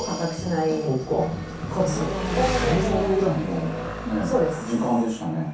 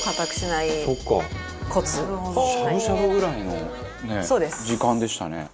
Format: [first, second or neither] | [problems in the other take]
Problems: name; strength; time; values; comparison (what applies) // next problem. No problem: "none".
second | background sound (Engine); 9 dB below the speech // room echo; dies away in 0.6 s